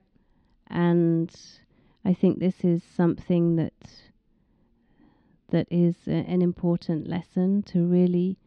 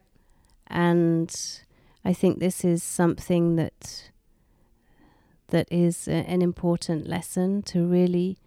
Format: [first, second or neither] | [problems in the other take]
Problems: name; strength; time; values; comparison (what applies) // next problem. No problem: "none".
second | muffled; slightly; fading above 4 kHz